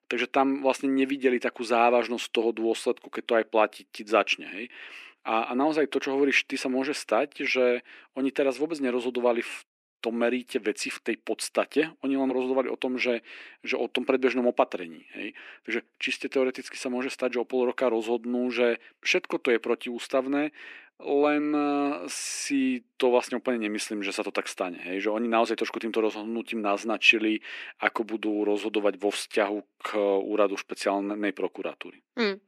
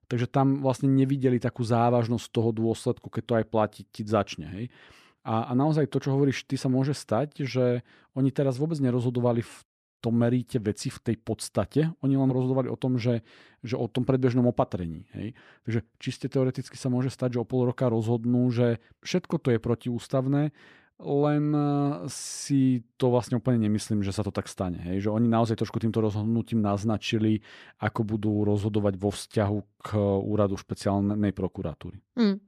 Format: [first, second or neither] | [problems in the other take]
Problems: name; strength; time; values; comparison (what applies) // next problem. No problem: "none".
second | thin; somewhat; fading below 300 Hz